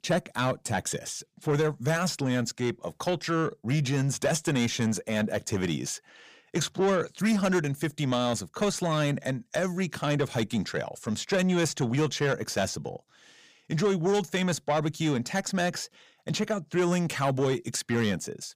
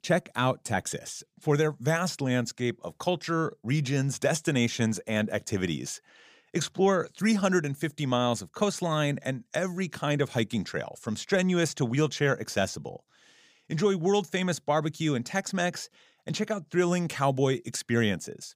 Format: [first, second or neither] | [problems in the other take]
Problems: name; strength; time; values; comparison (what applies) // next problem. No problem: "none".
second | distortion; slight; 10 dB below the speech